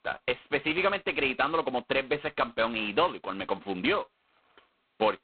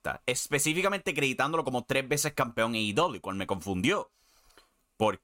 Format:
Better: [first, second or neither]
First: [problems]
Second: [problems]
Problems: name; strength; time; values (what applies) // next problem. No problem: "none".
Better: second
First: phone-call audio; poor line; nothing above 4 kHz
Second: none